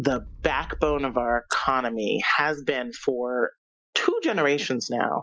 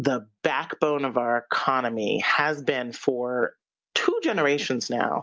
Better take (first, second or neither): second